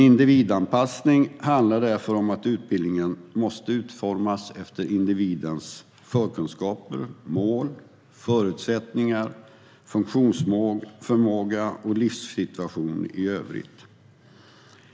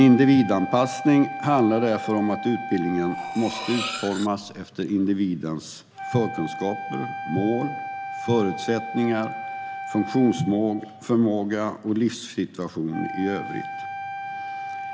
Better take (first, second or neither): first